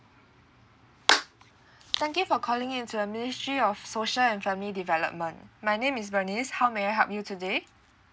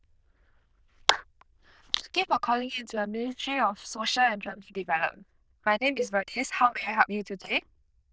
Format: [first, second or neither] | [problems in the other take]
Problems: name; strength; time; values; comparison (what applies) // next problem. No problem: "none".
first | noise reduction (neural diffusion model UNIVERSE++)